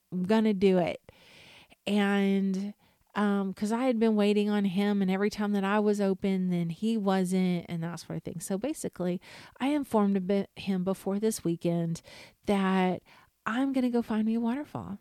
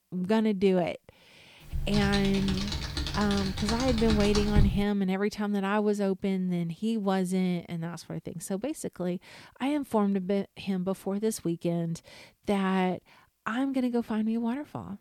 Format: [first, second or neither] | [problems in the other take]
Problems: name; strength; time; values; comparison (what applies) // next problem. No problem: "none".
first | keyboard typing; loud; from 1.5 to 5 s; peak 2 dB above the speech